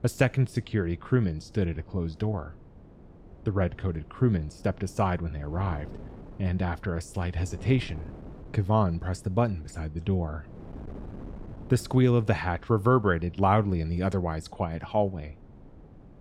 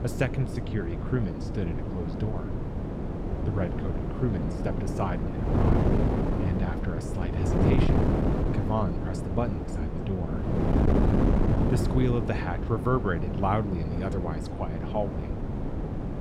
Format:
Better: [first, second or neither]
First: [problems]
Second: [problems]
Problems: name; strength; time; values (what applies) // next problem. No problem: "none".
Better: first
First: wind noise on the microphone; occasional gusts; 25 dB below the speech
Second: wind noise on the microphone; heavy; as loud as the speech